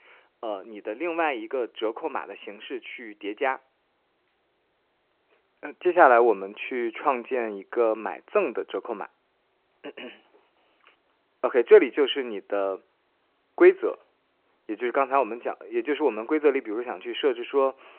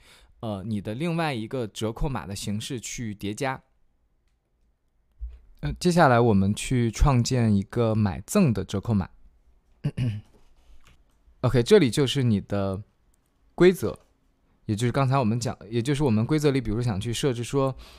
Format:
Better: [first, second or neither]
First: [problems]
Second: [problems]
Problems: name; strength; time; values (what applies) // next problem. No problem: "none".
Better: second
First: phone-call audio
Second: none